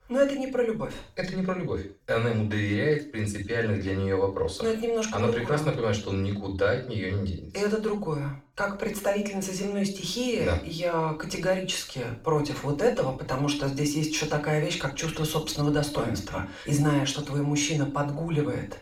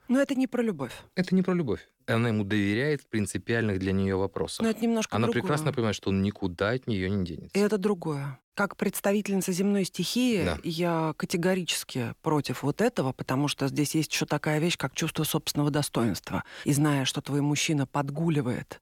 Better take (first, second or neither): second